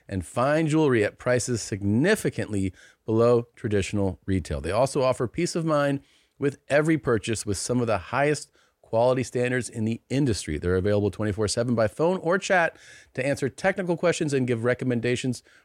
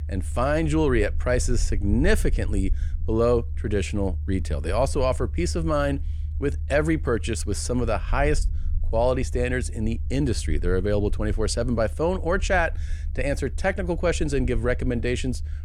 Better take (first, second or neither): first